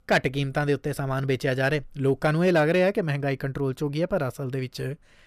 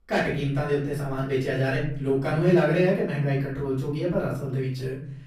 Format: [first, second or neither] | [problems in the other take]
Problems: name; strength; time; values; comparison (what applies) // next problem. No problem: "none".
first | room echo; noticeable; dies away in 0.7 s // off-mic speech; far